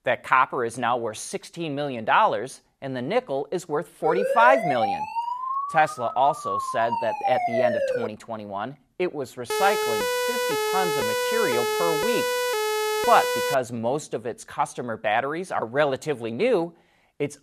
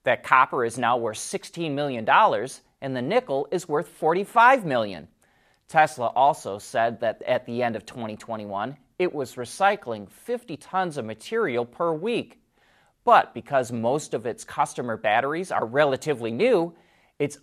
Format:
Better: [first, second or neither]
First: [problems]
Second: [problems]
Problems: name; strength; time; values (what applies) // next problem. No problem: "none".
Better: second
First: siren; loud; from 4 to 8 s and from 9.5 to 14 s; peak 3 dB above the speech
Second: none